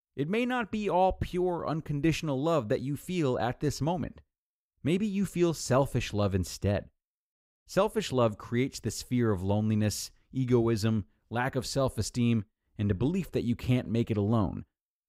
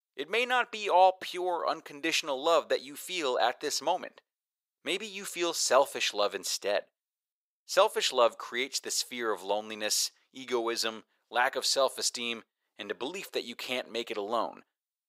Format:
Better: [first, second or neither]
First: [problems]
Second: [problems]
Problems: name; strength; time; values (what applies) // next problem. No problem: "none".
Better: first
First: none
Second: thin; very; fading below 550 Hz